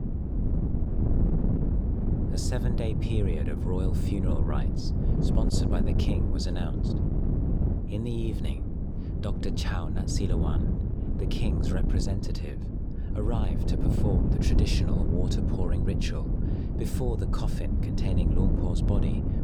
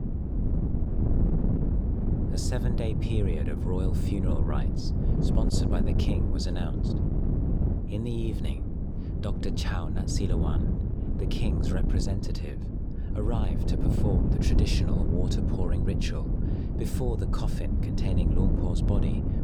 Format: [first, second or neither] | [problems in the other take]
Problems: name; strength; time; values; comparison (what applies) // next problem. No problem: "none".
neither | wind noise on the microphone; heavy; as loud as the speech; the same in both